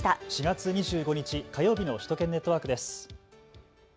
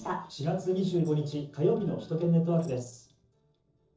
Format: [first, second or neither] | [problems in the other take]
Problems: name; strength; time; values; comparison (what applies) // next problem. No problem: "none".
first | noise reduction (neural separator model SepFormer DNS4)